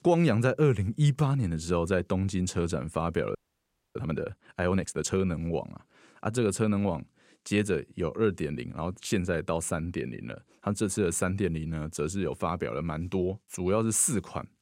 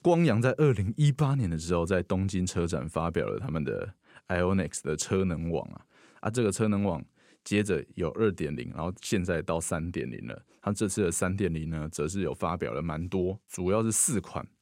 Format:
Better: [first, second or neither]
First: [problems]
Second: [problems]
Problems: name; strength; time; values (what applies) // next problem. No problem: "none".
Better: second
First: audio freezing; at 3.5 s for 0.5 s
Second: none